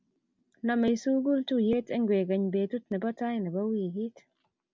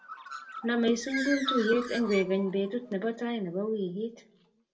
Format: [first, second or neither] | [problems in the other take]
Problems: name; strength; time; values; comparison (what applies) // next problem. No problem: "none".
first | background sound (Bird); 10 dB below the speech // room echo; dies away in 0.2 s